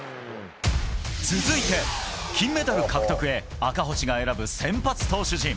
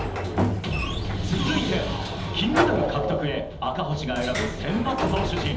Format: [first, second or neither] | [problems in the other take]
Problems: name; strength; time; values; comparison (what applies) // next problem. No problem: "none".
first | background sound (Sliding door); 2 dB below the speech // room echo; dies away in 1.2 s